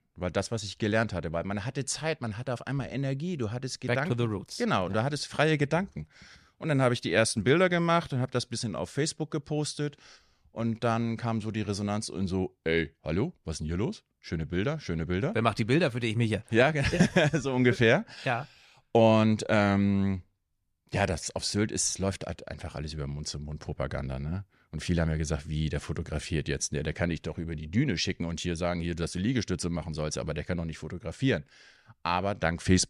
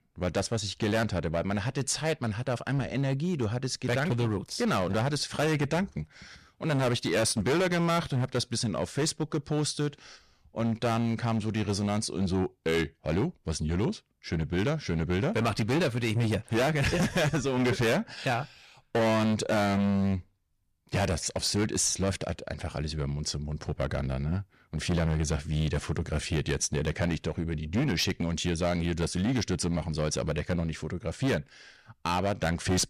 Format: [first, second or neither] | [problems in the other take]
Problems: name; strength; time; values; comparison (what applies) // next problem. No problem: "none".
first | distortion; heavy; 12% of the sound clipped